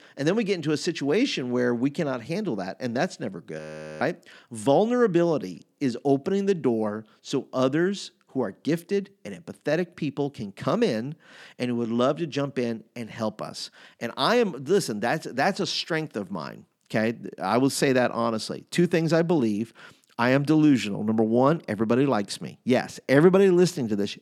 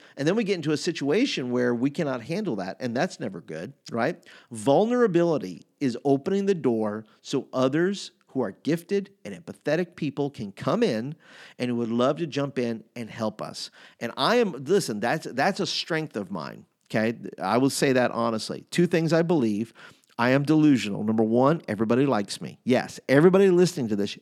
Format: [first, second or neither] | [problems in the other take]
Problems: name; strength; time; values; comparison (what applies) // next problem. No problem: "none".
second | audio freezing; at 3.5 s